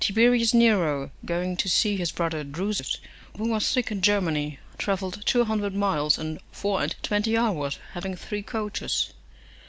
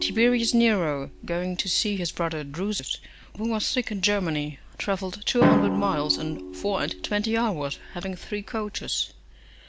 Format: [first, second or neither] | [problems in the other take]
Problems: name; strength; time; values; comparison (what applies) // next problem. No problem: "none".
first | background sound (Drum); 6 dB below the speech